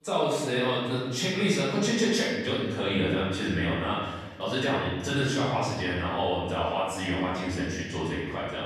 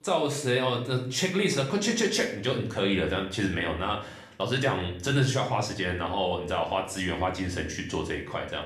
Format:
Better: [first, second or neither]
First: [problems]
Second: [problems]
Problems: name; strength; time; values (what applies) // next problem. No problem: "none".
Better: second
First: room echo; strong; dies away in 1.3 s // off-mic speech; far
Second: room echo; slight; dies away in 0.5 s // off-mic speech; somewhat distant